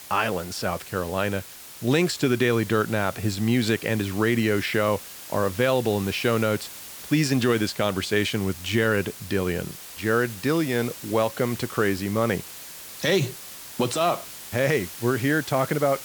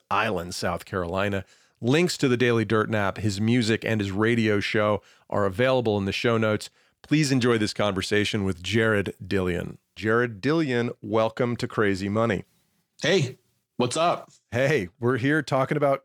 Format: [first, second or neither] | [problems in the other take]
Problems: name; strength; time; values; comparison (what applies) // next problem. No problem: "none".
second | hiss; noticeable; throughout; 15 dB below the speech